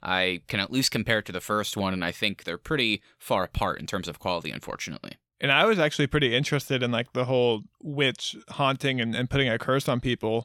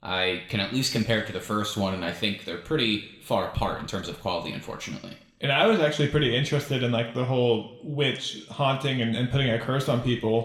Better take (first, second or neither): first